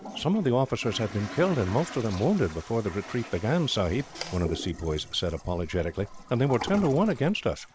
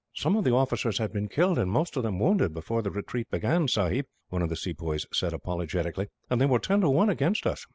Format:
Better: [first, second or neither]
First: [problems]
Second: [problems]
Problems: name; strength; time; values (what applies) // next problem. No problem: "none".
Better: second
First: background sound (Toilet flush); 14 dB below the speech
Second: none